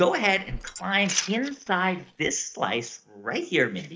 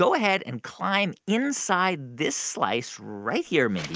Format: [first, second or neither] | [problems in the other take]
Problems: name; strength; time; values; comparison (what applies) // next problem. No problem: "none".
second | noise reduction (neural mask model DeepFilterNet 3)